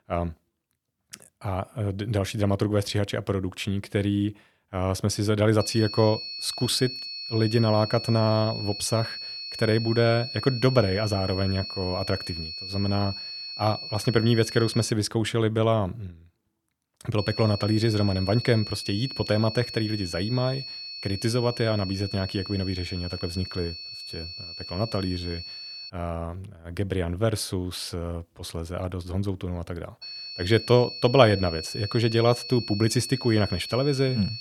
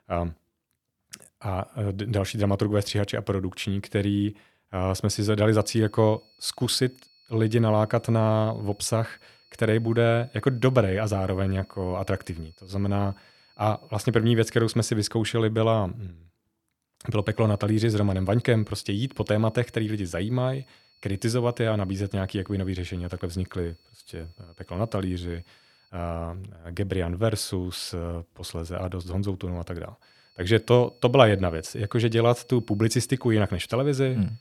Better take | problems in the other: second | high-pitched whine; loud; from 5.5 to 15 s, from 17 to 26 s and from 30 s on; 4.5 kHz, 8 dB below the speech; faint in the second

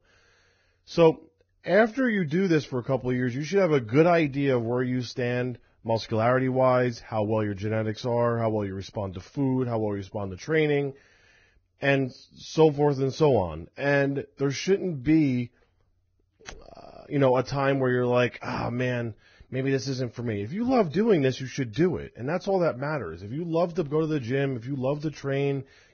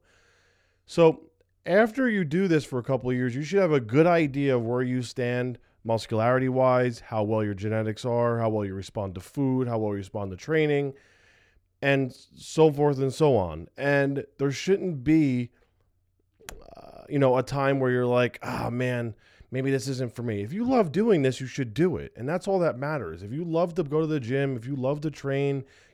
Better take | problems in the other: second | garbled, watery; badly; nothing above 6.5 kHz

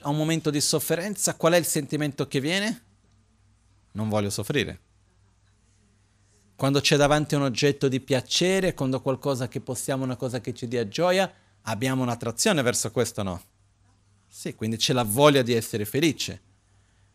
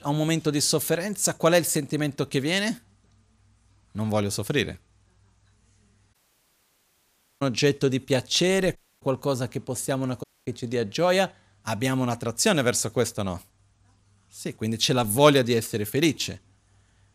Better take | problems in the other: first | audio cutting out; at 6 s for 1.5 s, at 9 s and at 10 s

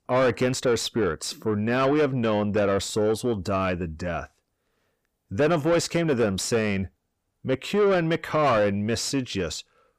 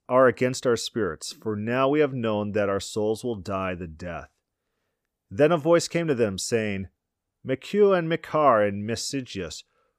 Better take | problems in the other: second | distortion; heavy; 8 dB below the speech

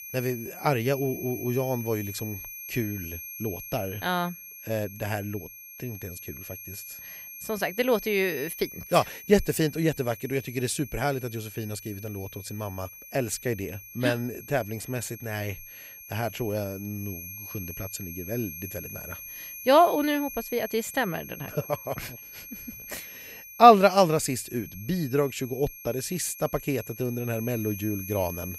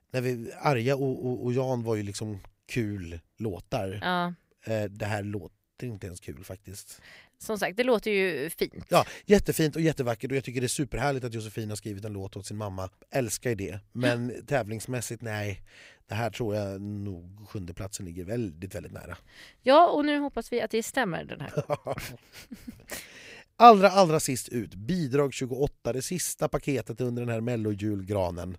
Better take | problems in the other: second | high-pitched whine; noticeable; throughout; 2.5 kHz, 10 dB below the speech

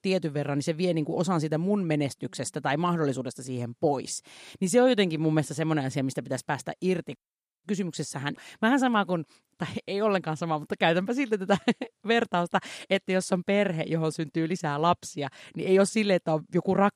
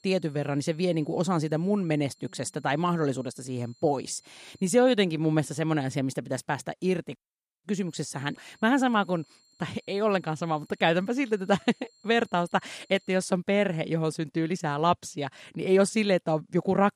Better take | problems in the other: first | high-pitched whine; faint; until 5 s and from 8 to 13 s; 4 kHz, 35 dB below the speech

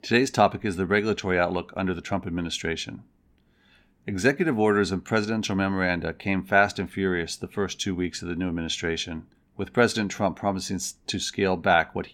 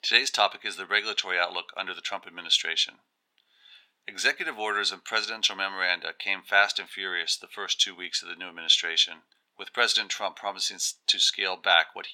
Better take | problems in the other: first | thin; very; fading below 950 Hz

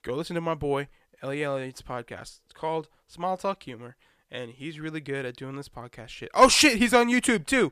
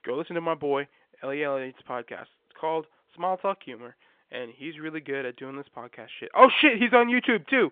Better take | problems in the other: first | phone-call audio; nothing above 3.5 kHz

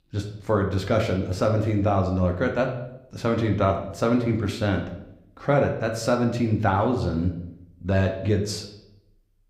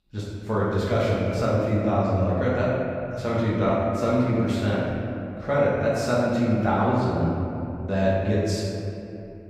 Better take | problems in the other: first | room echo; strong; dies away in 2.6 s; slight in the first // off-mic speech; far

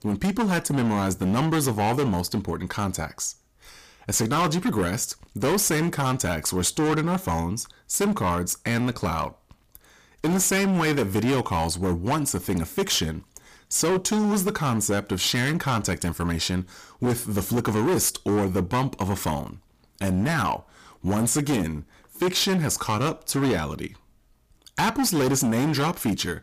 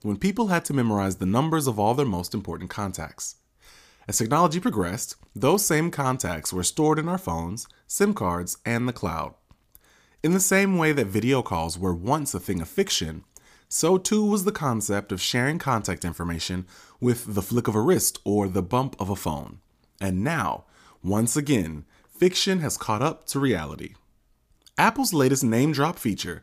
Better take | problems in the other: second | distortion; heavy; 15% of the sound clipped

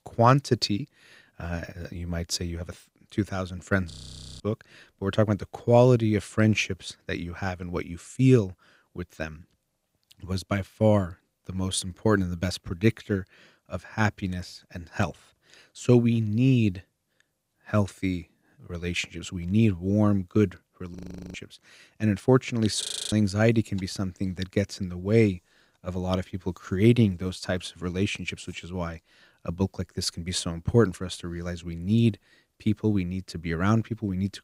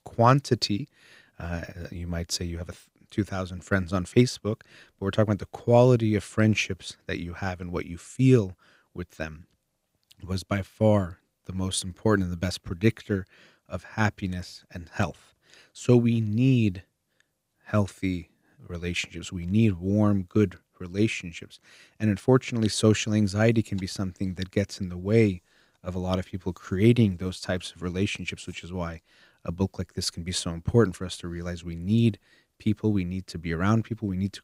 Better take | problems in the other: second | audio freezing; at 4 s, at 21 s and at 23 s

